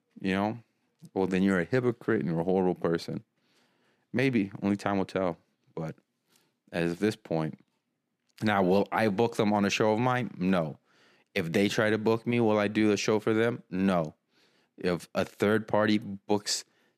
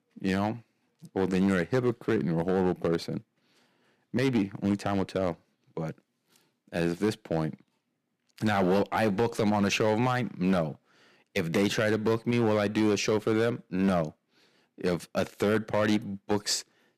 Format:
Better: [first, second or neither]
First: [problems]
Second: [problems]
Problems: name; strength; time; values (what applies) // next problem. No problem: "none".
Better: first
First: none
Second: distortion; slight; 5% of the sound clipped